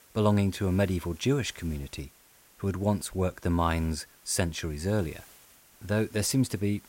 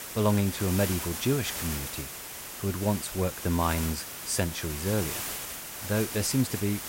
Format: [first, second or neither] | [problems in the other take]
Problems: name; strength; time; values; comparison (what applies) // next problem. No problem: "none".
first | hiss; loud; throughout; 5 dB below the speech; faint in the first